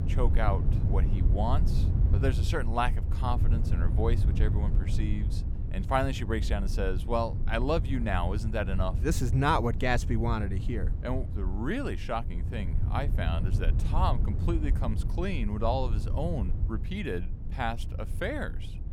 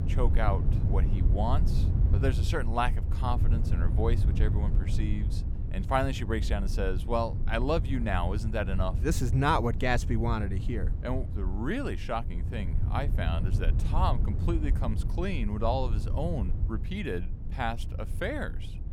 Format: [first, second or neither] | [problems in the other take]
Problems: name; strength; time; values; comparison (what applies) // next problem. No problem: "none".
neither | low rumble; noticeable; throughout; 10 dB below the speech; the same in both